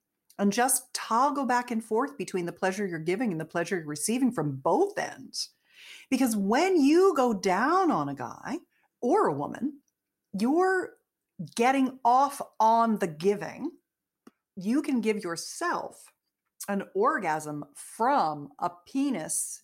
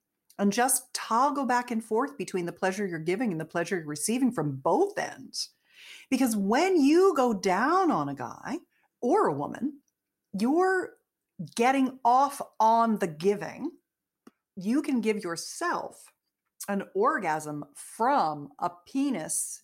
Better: neither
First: none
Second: none

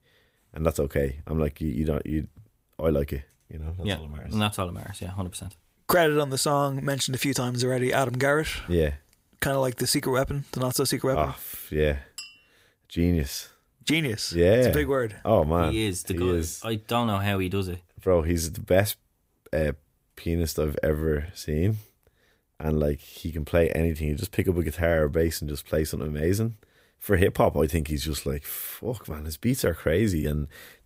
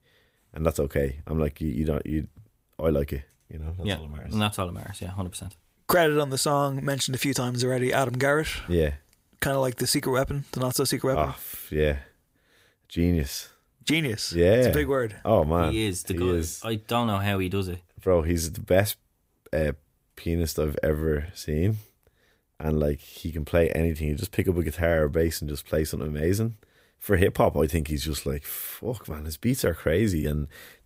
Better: second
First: clattering dishes; faint; at 12 s; peak 15 dB below the speech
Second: none

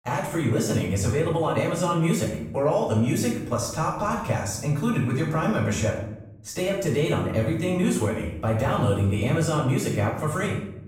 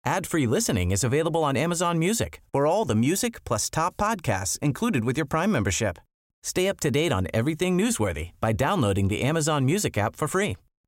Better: second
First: off-mic speech; far // room echo; noticeable; dies away in 0.8 s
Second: none

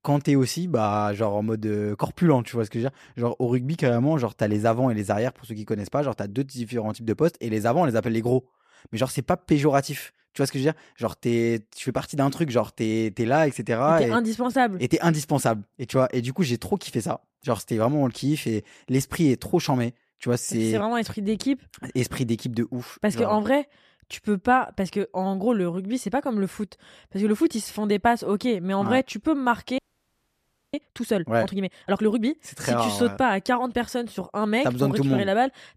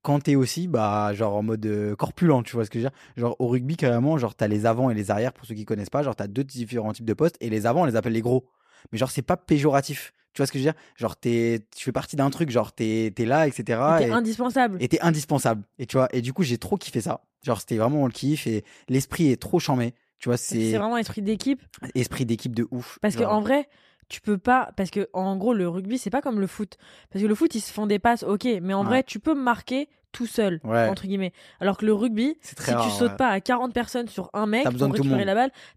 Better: second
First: audio freezing; at 30 s for 1 s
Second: none

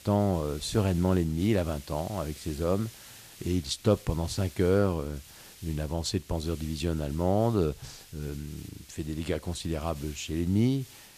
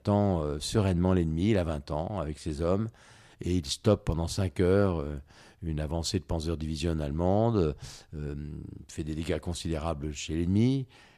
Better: second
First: hiss; noticeable; throughout; 20 dB below the speech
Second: none

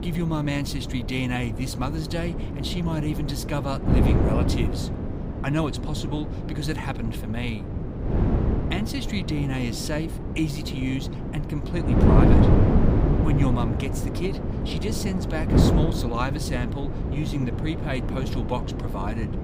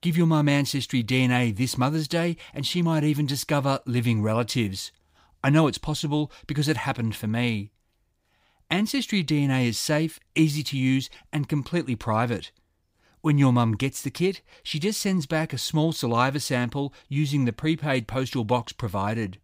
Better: second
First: wind noise on the microphone; heavy; as loud as the speech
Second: none

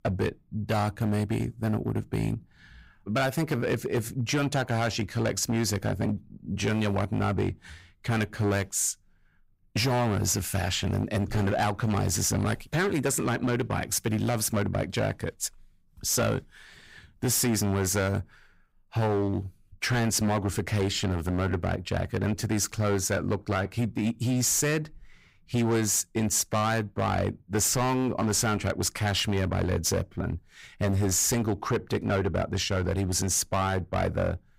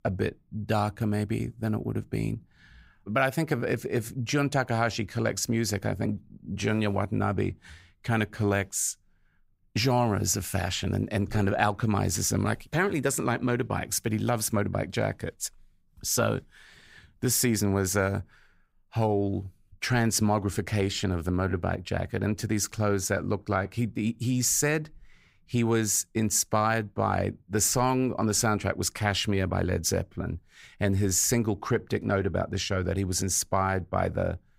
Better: second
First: distortion; slight; 11% of the sound clipped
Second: none

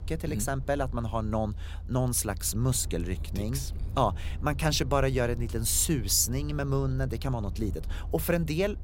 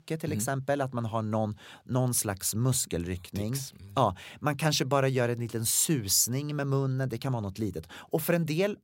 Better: second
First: low rumble; faint; throughout; 25 dB below the speech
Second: none

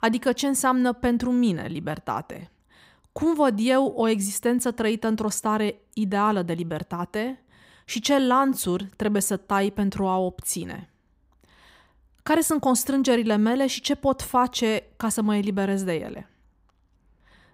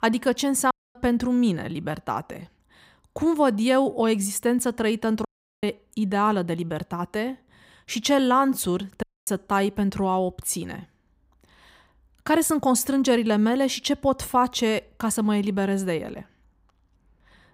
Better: first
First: none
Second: audio cutting out; at 0.5 s, at 5.5 s and at 9 s

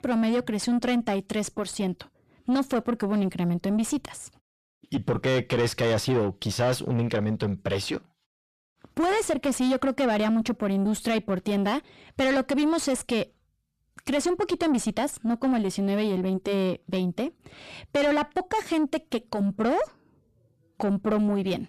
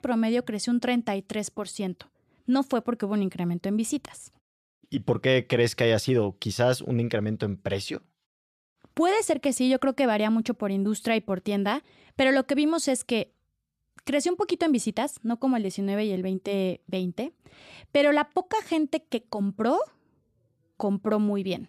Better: second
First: distortion; slight; 10 dB below the speech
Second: none

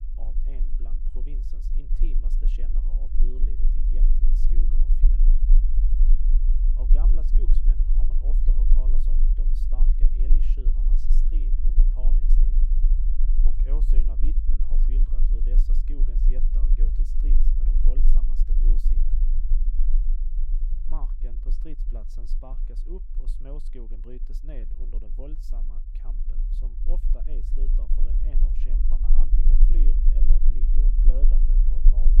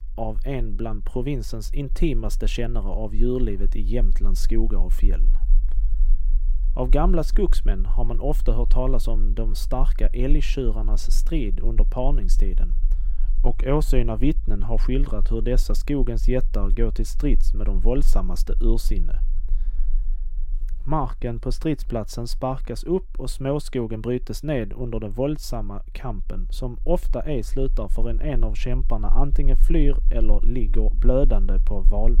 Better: second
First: low rumble; loud; throughout; as loud as the speech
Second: low rumble; faint; throughout; 25 dB below the speech

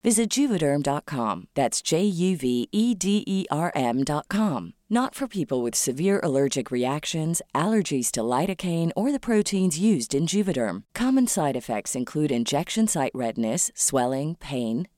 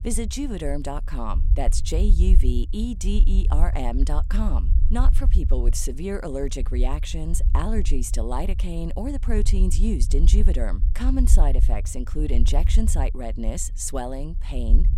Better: first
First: none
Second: low rumble; noticeable; throughout; 15 dB below the speech

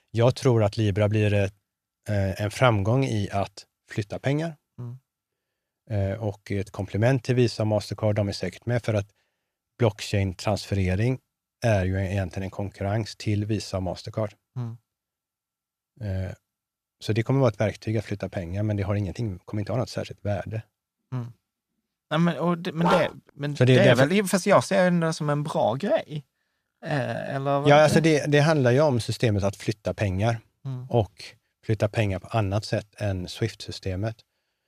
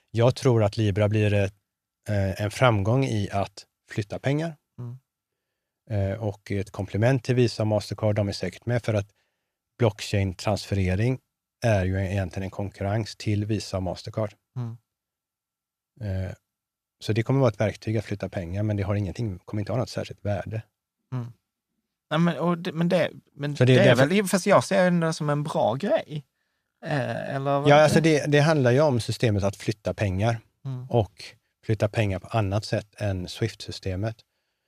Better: second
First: dog barking; noticeable; at 23 s; peak 1 dB below the speech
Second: none

